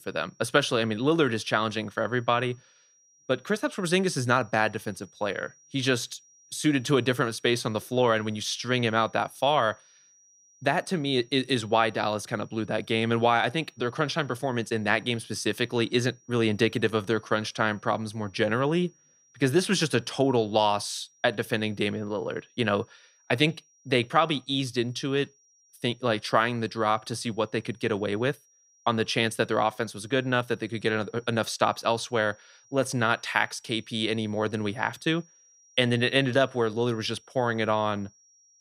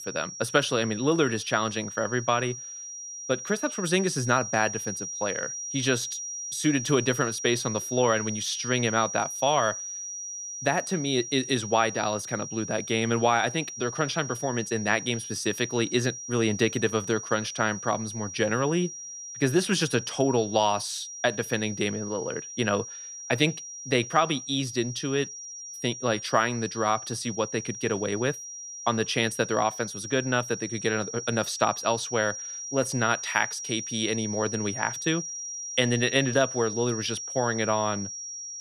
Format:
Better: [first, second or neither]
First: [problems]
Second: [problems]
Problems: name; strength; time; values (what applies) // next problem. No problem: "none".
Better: first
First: high-pitched whine; faint; throughout; 5.5 kHz, 30 dB below the speech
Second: high-pitched whine; loud; throughout; 5.5 kHz, 8 dB below the speech